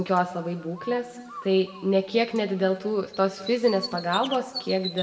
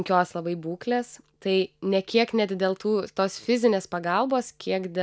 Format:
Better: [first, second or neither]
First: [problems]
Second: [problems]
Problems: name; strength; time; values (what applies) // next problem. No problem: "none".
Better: second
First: background sound (Bird); 15 dB below the speech // room echo; dies away in 1.3 s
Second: none